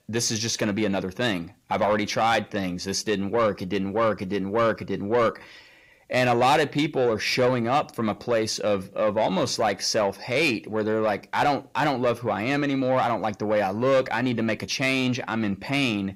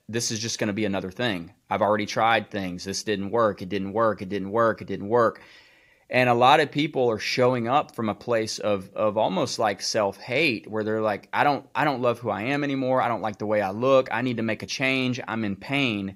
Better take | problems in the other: second | distortion; slight; 10 dB below the speech

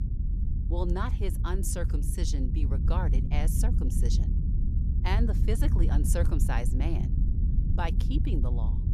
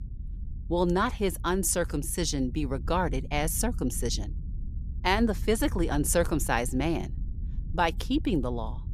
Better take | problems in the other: second | low rumble; loud; throughout; 6 dB below the speech; faint in the second

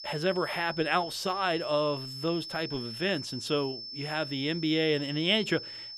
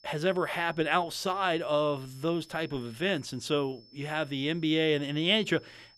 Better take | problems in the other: second | high-pitched whine; loud; throughout; 5.5 kHz, 9 dB below the speech; faint in the second

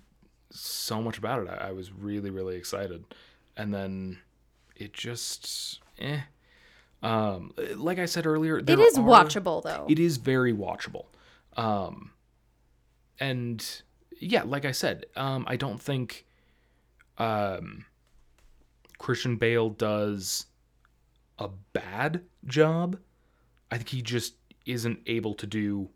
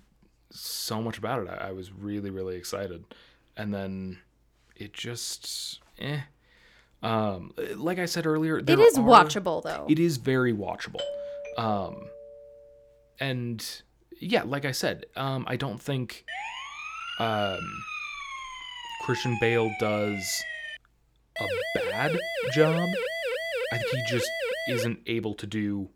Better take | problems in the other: first | doorbell; noticeable; from 11 to 13 s; peak 7 dB below the speech // siren; noticeable; from 16 to 21 s and from 21 to 25 s; peak 2 dB below the speech

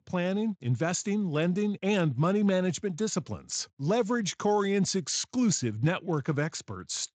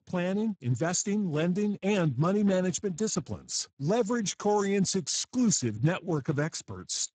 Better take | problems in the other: first | garbled, watery; badly; nothing above 7.5 kHz; slightly in the first

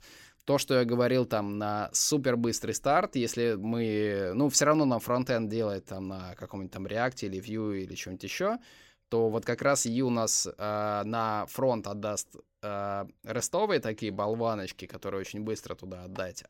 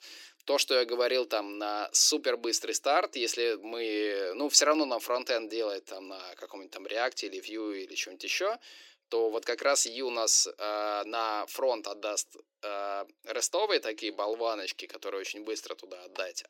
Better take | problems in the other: first | thin; somewhat; fading below 300 Hz

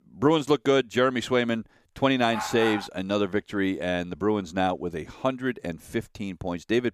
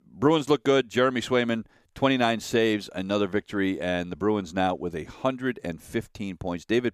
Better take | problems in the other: second | dog barking; noticeable; at 2.5 s; peak 5 dB below the speech

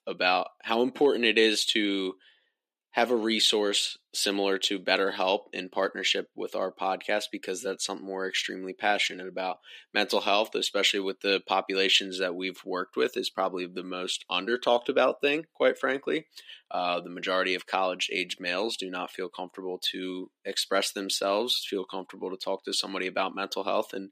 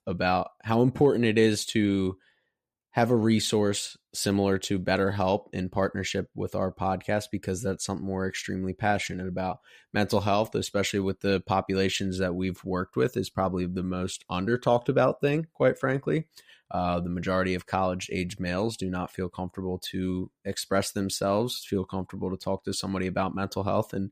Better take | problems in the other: second | thin; somewhat; fading below 250 Hz

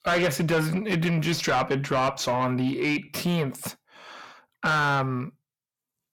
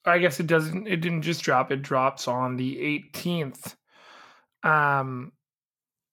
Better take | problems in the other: second | distortion; heavy; 6 dB below the speech

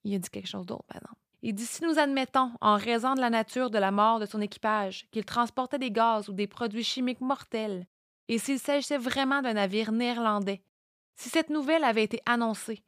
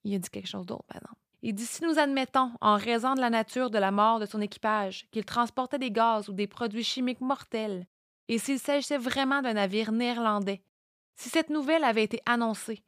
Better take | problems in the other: neither | none

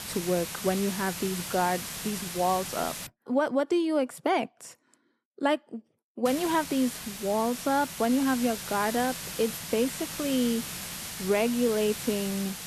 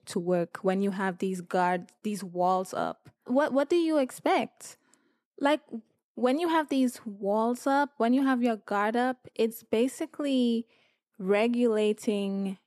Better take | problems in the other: second | hiss; loud; until 3 s and from 6.5 s on; 7 dB below the speech

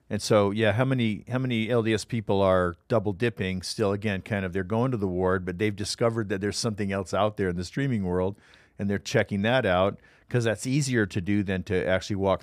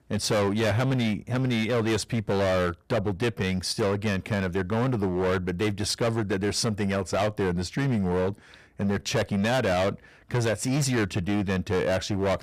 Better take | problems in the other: first | distortion; heavy; 20% of the sound clipped

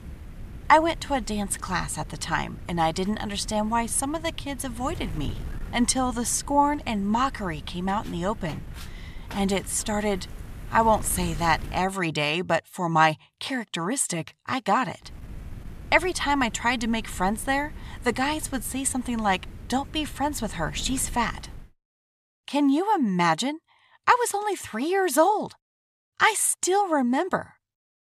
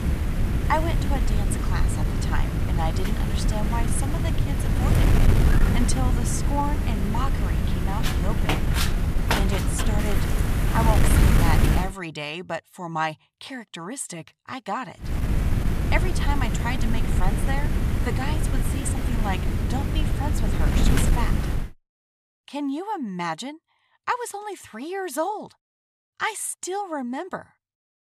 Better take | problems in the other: first | wind noise on the microphone; heavy; until 12 s and from 15 to 22 s; 1 dB below the speech; occasional gusts in the first

